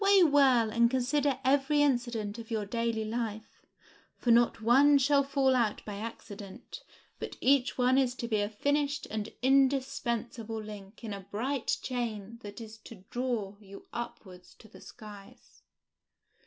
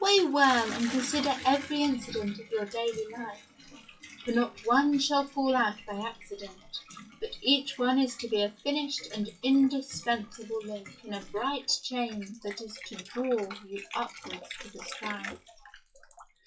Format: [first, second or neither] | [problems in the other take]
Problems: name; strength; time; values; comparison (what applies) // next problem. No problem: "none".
first | noise reduction (classical method WPE with log-MMSE)